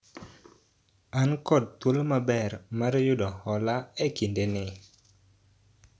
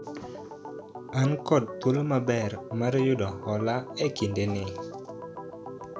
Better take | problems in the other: first | background sound (Organ); 10 dB below the speech

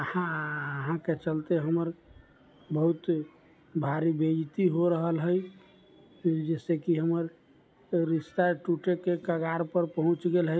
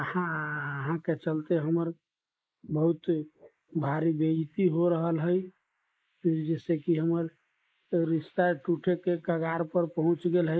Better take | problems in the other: first | noise reduction (neural mask model Resemble Enhance denoiser)

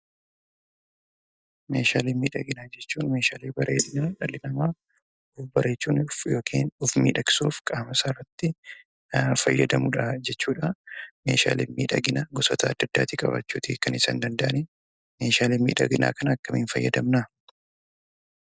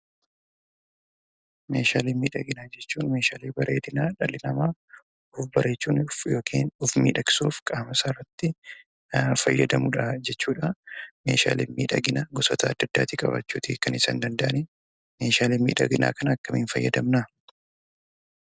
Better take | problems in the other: second | noise reduction (neural mask model DeepFilterNet 3)

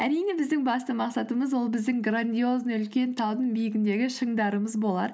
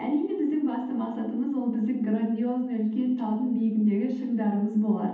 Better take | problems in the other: first | room echo; dies away in 0.8 s

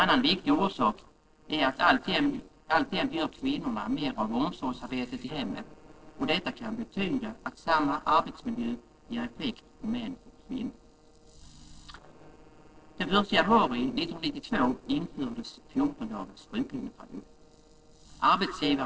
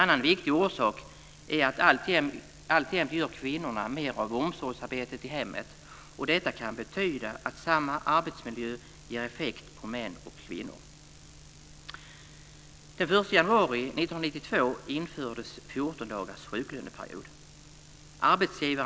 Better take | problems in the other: second | noise reduction (neural separator model SepFormer DNS4)

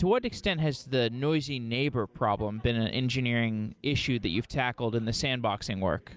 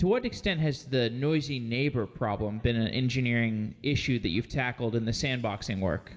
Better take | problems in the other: first | room echo; dies away in 1.3 s

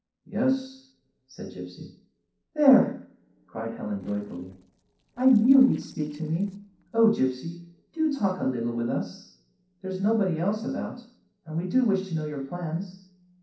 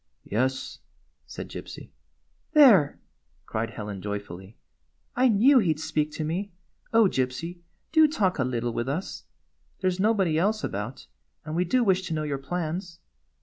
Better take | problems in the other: second | noise reduction (neural separator model SepFormer DNS4)

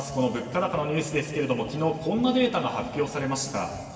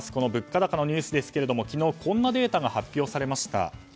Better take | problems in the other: second | room echo; dies away in 2.4 s

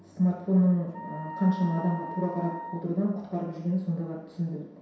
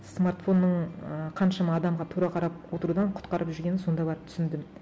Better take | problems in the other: second | background sound (Wind instrument, woodwind instrument); 13 dB below the speech // room echo; dies away in 0.7 s

